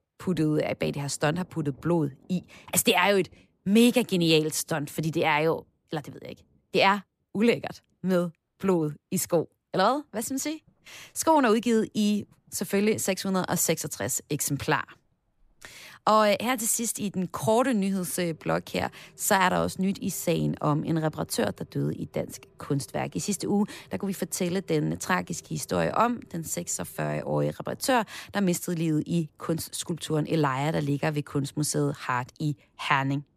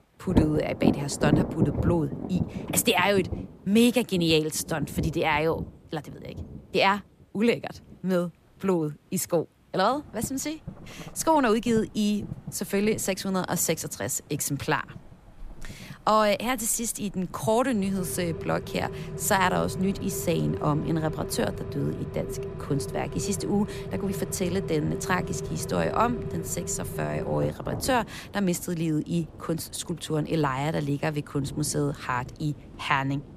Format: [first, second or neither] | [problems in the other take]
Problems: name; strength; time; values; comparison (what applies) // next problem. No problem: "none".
first | rain or running water; loud; throughout; 7 dB below the speech; faint in the first